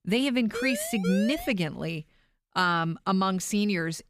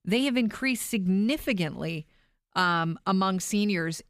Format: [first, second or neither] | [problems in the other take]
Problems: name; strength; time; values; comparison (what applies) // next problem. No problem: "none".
second | siren; noticeable; at 0.5 s; peak 6 dB below the speech